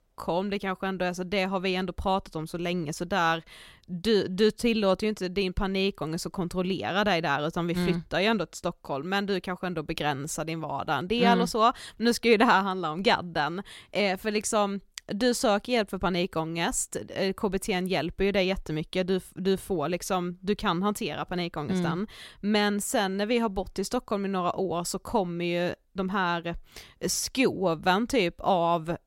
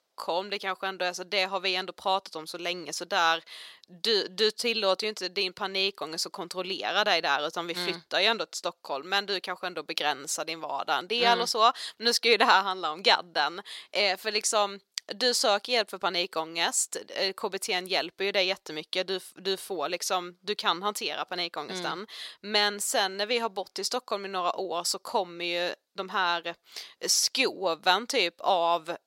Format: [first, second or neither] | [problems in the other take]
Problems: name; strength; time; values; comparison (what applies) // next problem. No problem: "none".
first | thin; somewhat; fading below 500 Hz